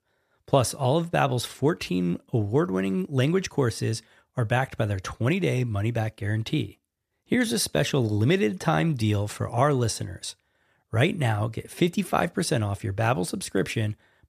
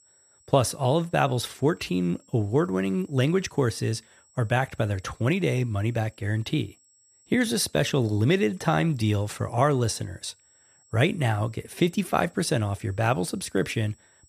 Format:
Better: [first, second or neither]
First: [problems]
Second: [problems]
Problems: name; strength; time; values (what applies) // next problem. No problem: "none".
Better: first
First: none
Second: high-pitched whine; faint; throughout; 7.5 kHz, 30 dB below the speech